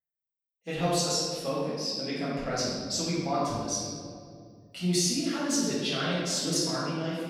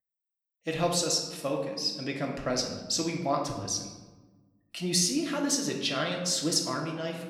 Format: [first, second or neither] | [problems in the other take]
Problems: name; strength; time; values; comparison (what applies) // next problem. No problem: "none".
second | room echo; strong; dies away in 1.9 s; slight in the second // off-mic speech; far; somewhat distant in the second